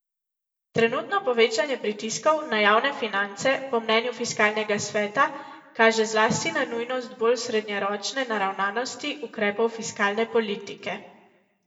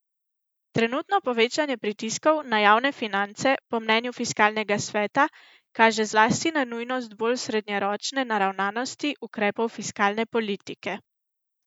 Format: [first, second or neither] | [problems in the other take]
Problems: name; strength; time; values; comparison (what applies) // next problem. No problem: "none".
second | room echo; dies away in 0.8 s